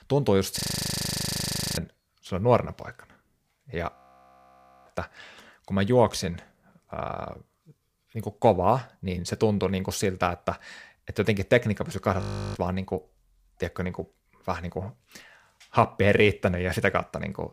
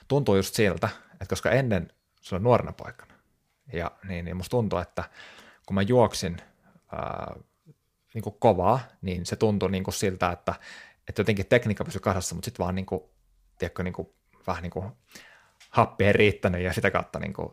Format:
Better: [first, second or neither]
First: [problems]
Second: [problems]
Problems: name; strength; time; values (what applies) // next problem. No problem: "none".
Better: second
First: audio freezing; at 0.5 s for 1 s, at 4 s for 1 s and at 12 s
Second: none